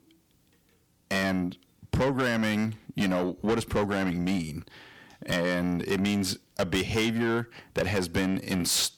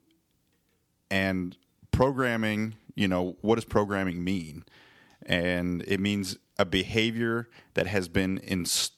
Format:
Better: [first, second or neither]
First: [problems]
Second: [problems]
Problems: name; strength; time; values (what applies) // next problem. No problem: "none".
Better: second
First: distortion; heavy; 6 dB below the speech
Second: none